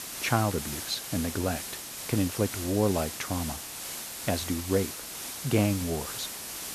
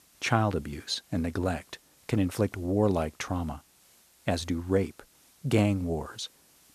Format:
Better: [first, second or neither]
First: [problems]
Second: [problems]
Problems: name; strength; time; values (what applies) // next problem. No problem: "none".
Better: second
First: hiss; loud; throughout; 5 dB below the speech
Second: hiss; faint; throughout; 30 dB below the speech